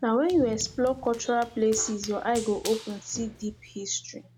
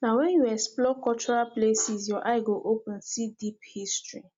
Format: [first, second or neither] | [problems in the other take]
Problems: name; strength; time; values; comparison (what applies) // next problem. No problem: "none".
second | background sound (Run); 17 dB below the speech